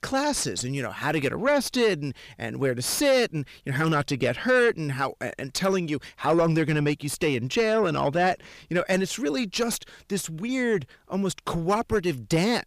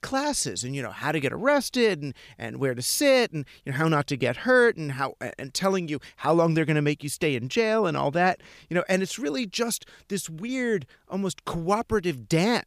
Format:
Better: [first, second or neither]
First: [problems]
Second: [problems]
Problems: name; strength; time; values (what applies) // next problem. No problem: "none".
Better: second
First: distortion; slight; 10 dB below the speech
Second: none